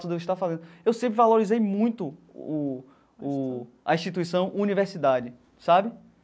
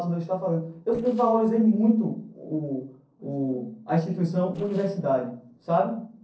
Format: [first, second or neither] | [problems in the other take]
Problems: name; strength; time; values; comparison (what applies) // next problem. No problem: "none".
first | noise reduction (neural separator model SepFormer DNS4)